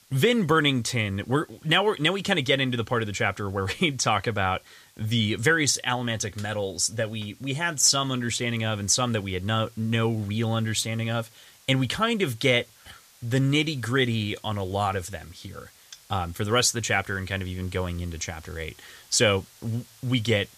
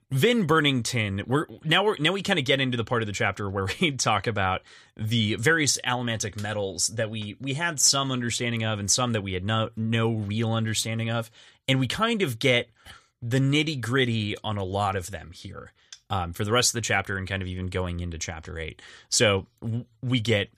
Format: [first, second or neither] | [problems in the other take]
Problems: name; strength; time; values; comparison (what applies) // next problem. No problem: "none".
second | hiss; faint; throughout; 30 dB below the speech